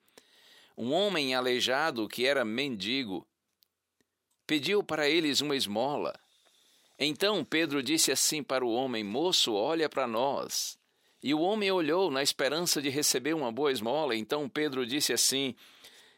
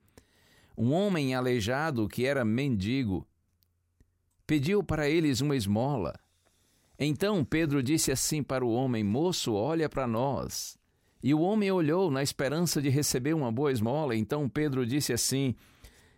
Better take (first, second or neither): second